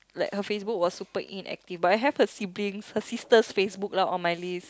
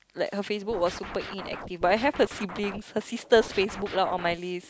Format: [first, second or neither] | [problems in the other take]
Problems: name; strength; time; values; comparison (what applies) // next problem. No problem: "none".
first | background sound (Scratching (performance technique)); 12 dB below the speech